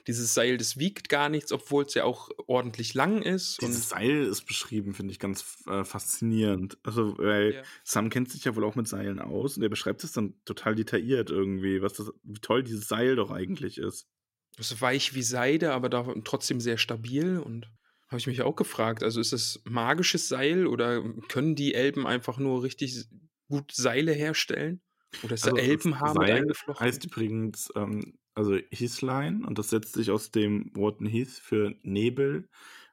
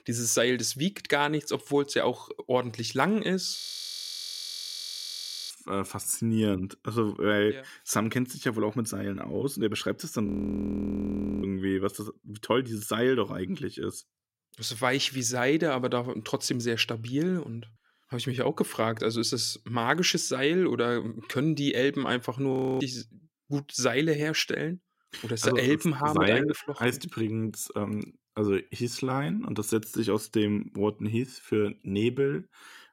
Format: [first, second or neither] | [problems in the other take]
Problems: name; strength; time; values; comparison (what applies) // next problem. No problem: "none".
first | audio freezing; at 3.5 s for 2 s, at 10 s for 1 s and at 23 s